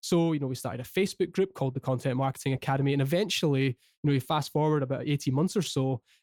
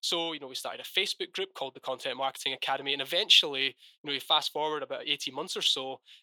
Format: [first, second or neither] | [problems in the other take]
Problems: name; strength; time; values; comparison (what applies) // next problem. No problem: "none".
first | thin; very; fading below 650 Hz